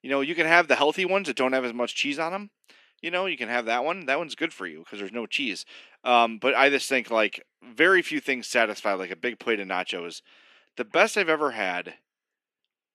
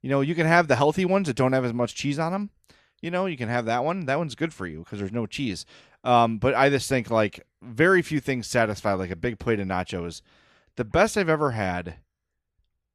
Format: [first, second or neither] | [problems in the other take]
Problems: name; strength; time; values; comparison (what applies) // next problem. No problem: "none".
second | thin; very slightly; fading below 250 Hz